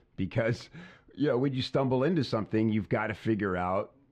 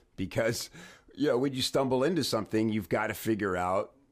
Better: second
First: muffled; very slightly; fading above 3 kHz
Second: none

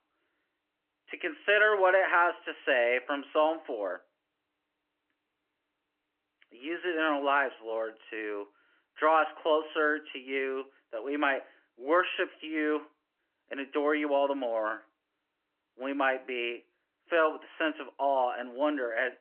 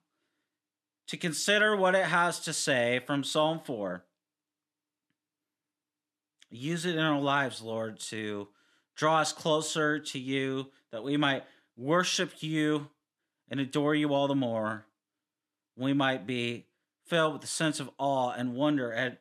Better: second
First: phone-call audio; nothing above 3 kHz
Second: none

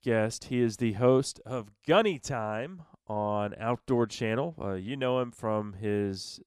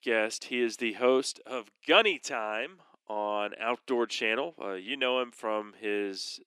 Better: first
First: none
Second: thin; somewhat; fading below 300 Hz

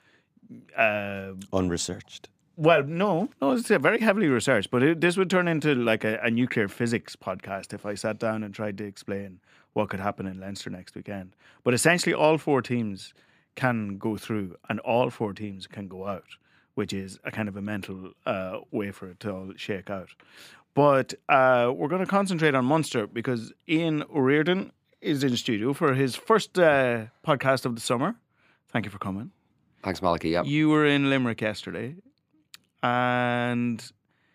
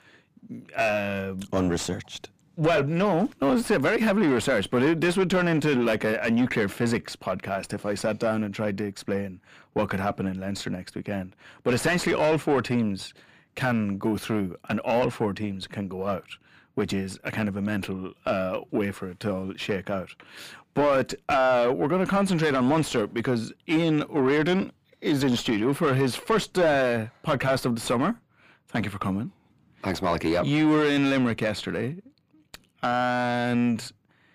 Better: first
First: none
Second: distortion; heavy; 7 dB below the speech

